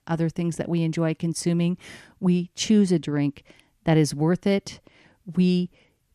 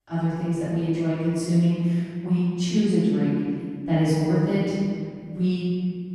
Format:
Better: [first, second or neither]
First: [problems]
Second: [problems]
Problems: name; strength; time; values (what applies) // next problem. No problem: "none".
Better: first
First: none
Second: off-mic speech; far // room echo; strong; dies away in 1.9 s